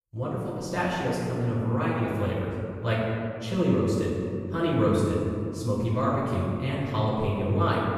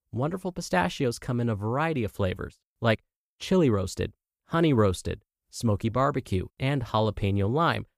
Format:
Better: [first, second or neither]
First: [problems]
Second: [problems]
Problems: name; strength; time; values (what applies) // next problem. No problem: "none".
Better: second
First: off-mic speech; far // room echo; strong; dies away in 2.3 s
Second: none